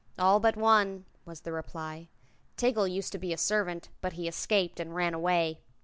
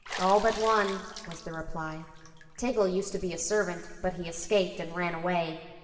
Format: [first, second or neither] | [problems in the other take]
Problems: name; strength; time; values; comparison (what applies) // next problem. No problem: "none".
first | background sound (Bathtub (filling or washing)); 16 dB below the speech // room echo; dies away in 1.8 s